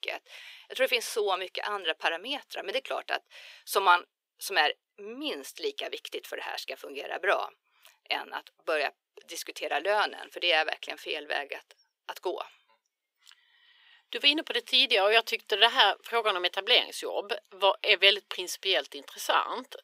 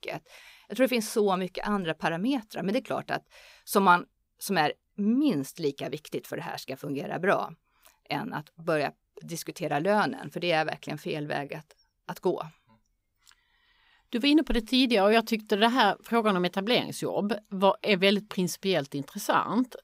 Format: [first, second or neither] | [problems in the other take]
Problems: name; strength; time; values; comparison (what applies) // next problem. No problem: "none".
second | thin; very; fading below 400 Hz